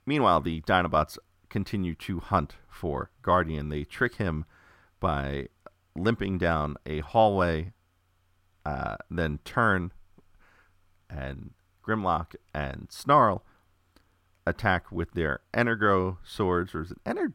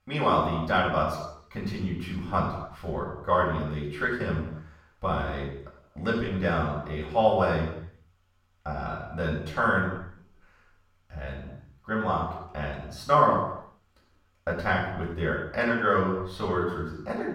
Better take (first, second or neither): first